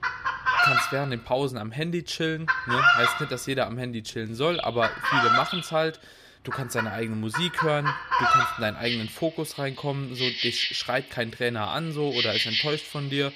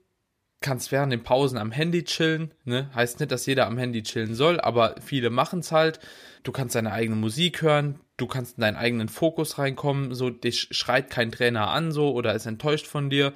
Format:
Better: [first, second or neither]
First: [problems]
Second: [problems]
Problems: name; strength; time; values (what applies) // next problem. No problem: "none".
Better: second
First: animal sounds; very loud; throughout; 4 dB above the speech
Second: none